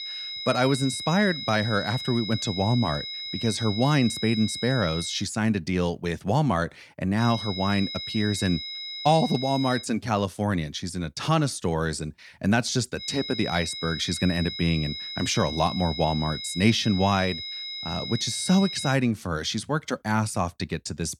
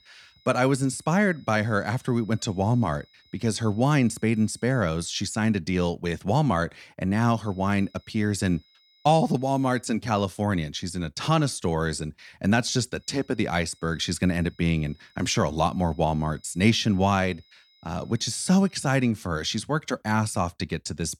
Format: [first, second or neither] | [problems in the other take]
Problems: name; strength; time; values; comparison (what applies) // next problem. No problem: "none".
second | high-pitched whine; loud; until 5 s, from 7 to 10 s and from 13 to 19 s; 4 kHz, 7 dB below the speech; faint in the second